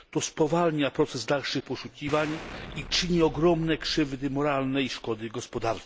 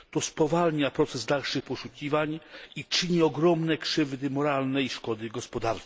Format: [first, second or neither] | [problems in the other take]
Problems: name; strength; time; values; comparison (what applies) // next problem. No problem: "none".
second | background sound (Explosion); 15 dB below the speech